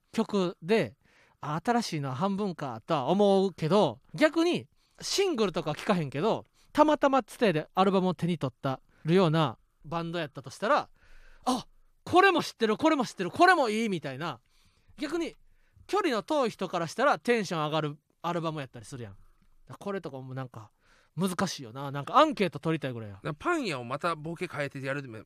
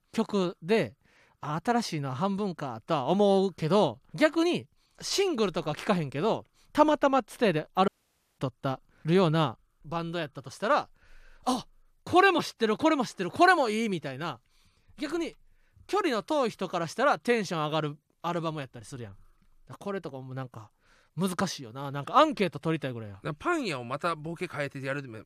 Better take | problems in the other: first | audio cutting out; at 8 s for 0.5 s

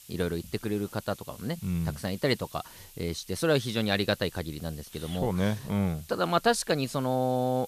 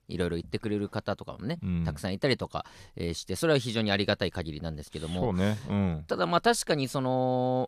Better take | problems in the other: second | hiss; noticeable; throughout; 20 dB below the speech

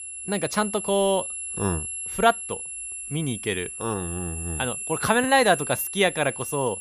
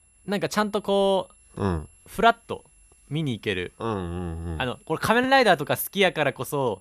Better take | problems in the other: second | high-pitched whine; loud; throughout; 11 kHz, 6 dB below the speech; faint in the second

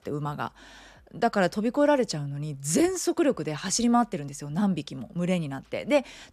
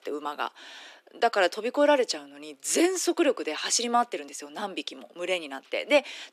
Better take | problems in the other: first | thin; somewhat; fading below 300 Hz

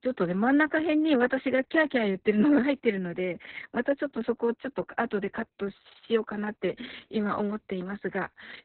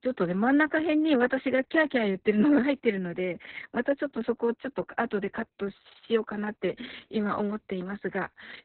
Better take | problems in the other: neither | garbled, watery; badly; nothing above 4 kHz; the same in both

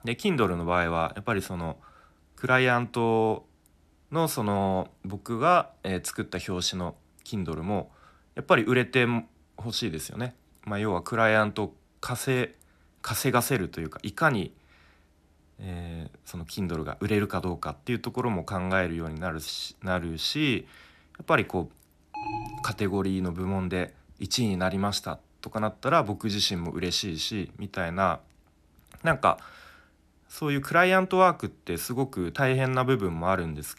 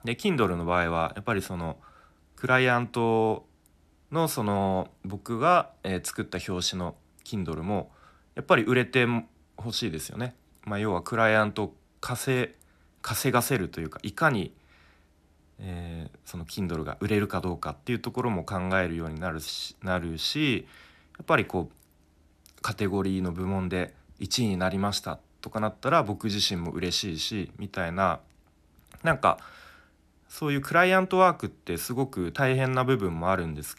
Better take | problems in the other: second | alarm; noticeable; at 22 s; peak 7 dB below the speech

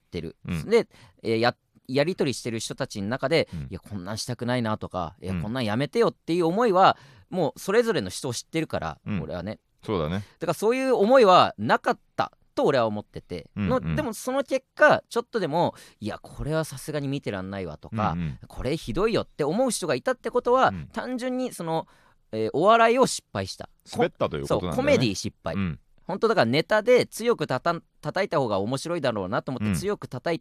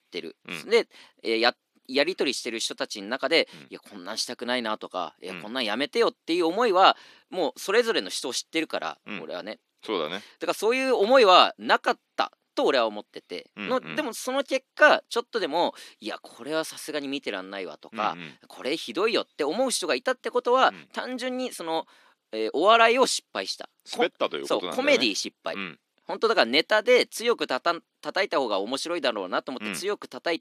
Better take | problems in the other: first | thin; very slightly; fading below 300 Hz

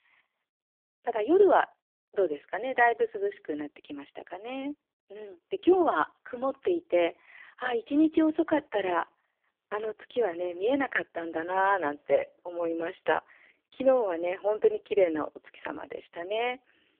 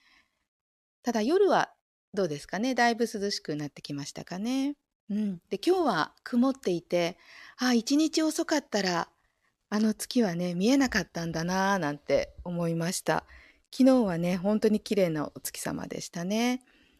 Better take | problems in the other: second | phone-call audio; poor line; nothing above 3 kHz

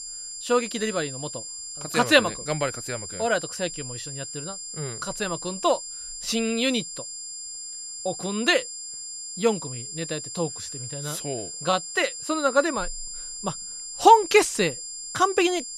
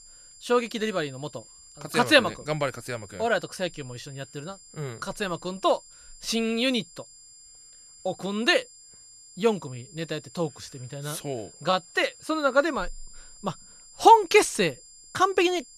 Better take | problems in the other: second | high-pitched whine; loud; throughout; 7.5 kHz, 9 dB below the speech; faint in the second

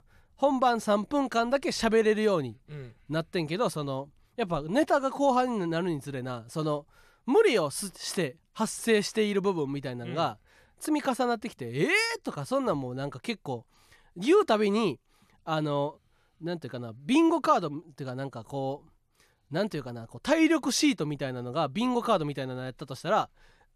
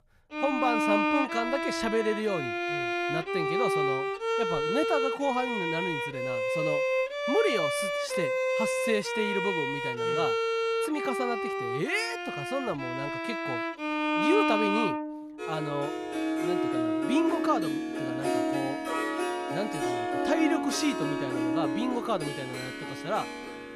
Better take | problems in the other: first | background music; very loud; throughout; 2 dB above the speech

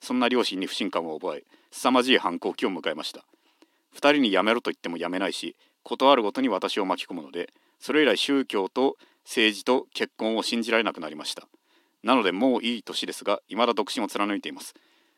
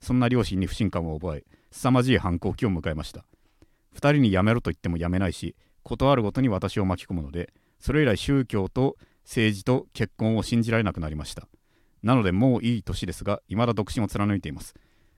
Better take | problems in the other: second | thin; somewhat; fading below 250 Hz

